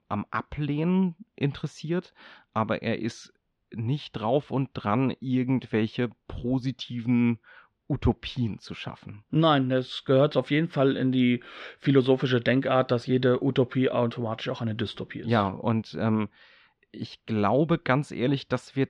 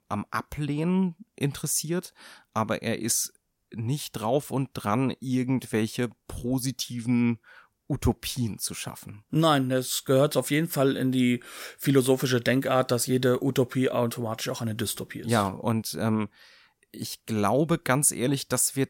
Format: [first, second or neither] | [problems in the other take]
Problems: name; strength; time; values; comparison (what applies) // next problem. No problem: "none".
second | muffled; slightly; fading above 3.5 kHz